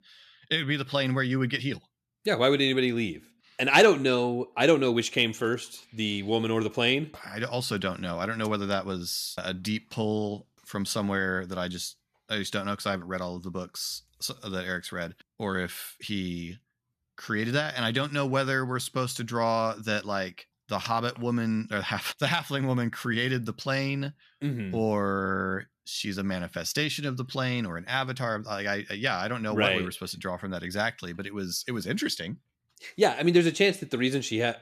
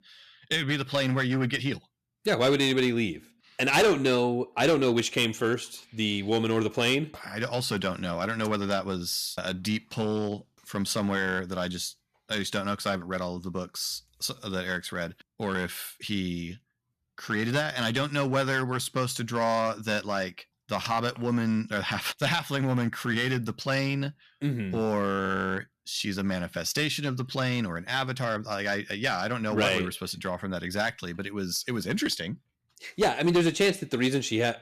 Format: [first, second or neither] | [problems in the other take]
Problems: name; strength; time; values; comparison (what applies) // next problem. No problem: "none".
first | distortion; slight; 3% of the sound clipped